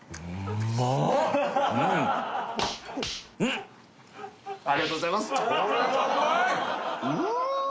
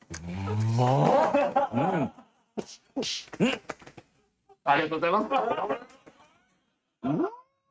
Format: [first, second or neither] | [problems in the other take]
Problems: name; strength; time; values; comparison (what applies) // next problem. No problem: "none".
first | noise reduction (neural mask model RNNoise)